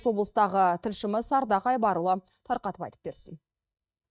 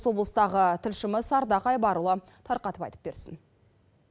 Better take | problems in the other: second | noise reduction (neural mask model DeepFilterNet 3)

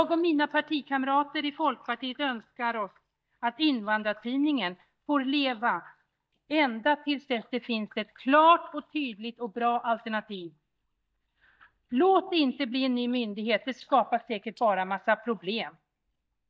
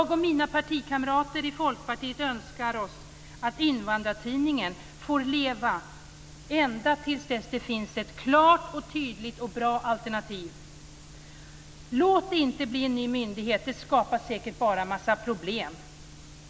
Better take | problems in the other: second | noise reduction (neural mask model DeepFilterNet 3)

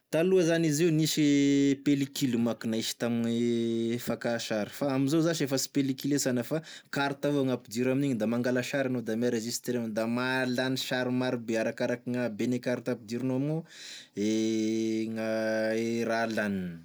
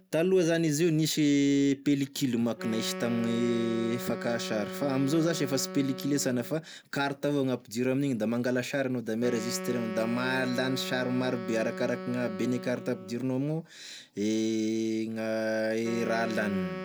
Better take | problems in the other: first | background sound (Wind instrument, woodwind instrument); 11 dB below the speech

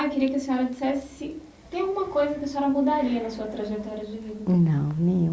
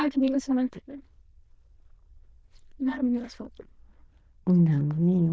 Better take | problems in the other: first | noise reduction (neural diffusion model UNIVERSE++)

